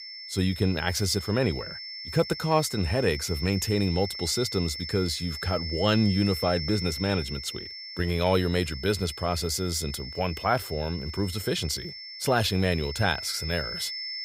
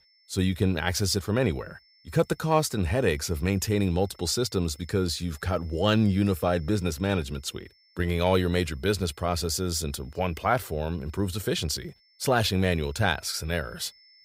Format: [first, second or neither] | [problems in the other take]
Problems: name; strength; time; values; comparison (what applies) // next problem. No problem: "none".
second | high-pitched whine; loud; throughout; 5.5 kHz, 8 dB below the speech; faint in the second